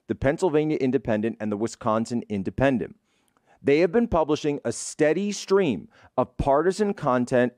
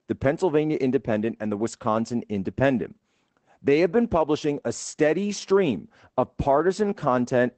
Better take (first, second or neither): first